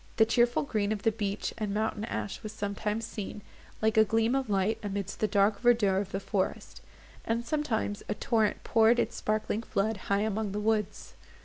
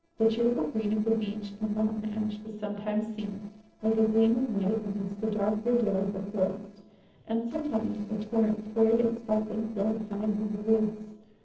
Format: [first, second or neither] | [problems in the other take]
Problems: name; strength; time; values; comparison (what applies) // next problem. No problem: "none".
first | noise reduction (neural separator model SepFormer DNS4)